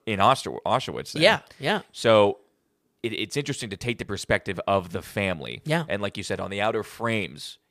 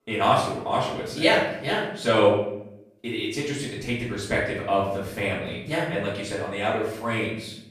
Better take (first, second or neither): first